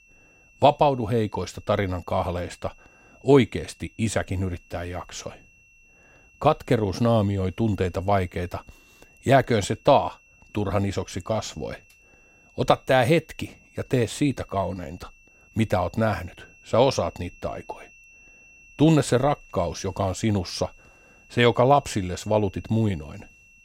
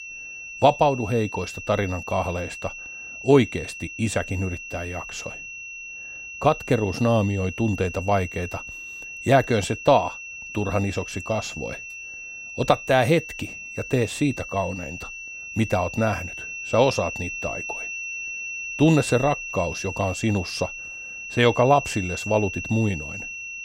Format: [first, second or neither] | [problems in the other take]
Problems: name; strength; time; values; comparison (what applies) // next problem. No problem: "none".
first | high-pitched whine; loud; throughout; 2.5 kHz, 9 dB below the speech; faint in the first